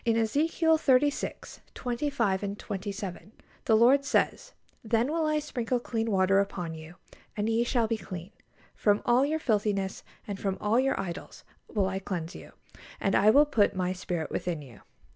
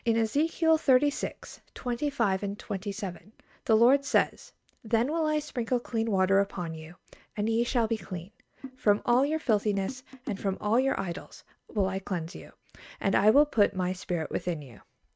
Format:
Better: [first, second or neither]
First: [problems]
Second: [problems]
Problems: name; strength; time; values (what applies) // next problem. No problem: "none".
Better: first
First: none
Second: noise reduction (neural mask model RNNoise)